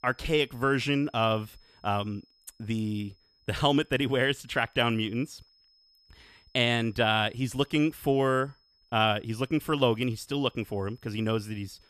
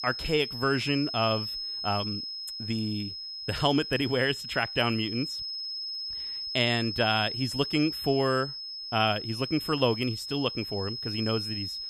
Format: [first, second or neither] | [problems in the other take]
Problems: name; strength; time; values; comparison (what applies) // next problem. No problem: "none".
first | high-pitched whine; loud; throughout; 5 kHz, 5 dB below the speech; faint in the first